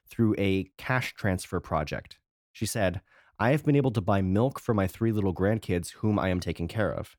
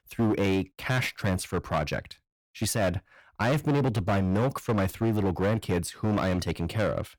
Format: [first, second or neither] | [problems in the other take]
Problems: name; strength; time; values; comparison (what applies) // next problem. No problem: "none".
first | distortion; heavy; 12% of the sound clipped